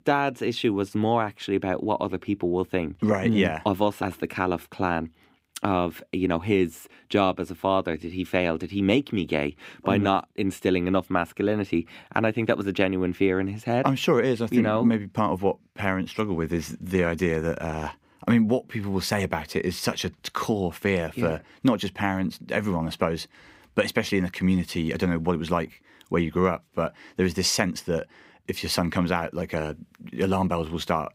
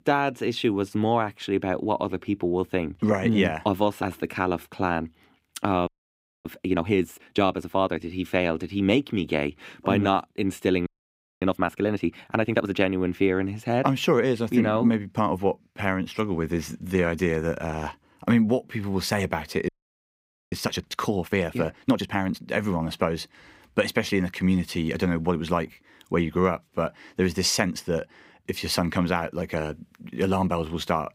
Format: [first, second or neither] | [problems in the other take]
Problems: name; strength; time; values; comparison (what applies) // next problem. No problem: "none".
first | audio freezing; at 6 s for 0.5 s, at 11 s for 0.5 s and at 20 s for 1 s